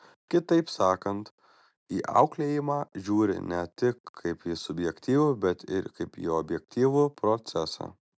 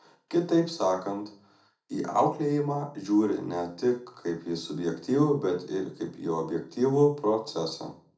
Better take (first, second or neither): first